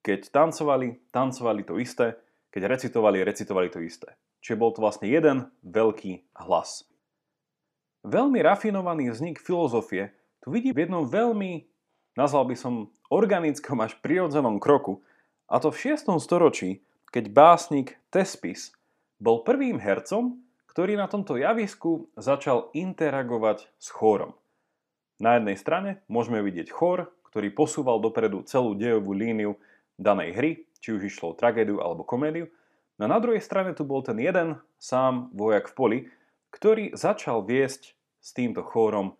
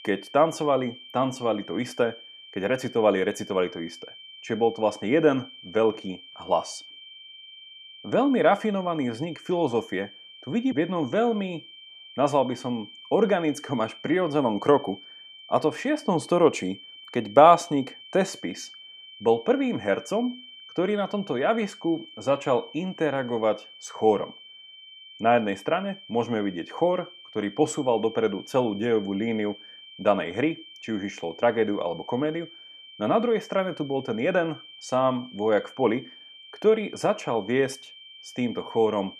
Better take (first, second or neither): first